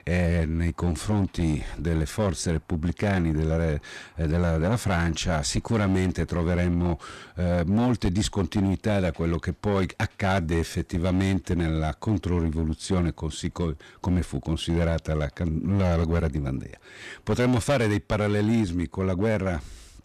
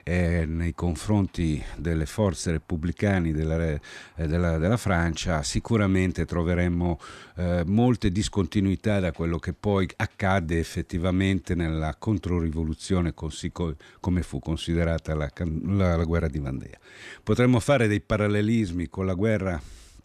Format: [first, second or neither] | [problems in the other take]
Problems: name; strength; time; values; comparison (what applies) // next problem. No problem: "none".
second | distortion; slight; 8% of the sound clipped